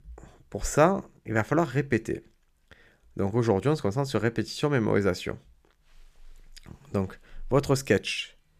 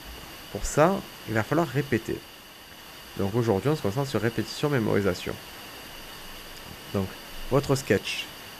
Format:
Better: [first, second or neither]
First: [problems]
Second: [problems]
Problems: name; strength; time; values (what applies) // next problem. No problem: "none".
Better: first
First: none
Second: hiss; noticeable; throughout; 15 dB below the speech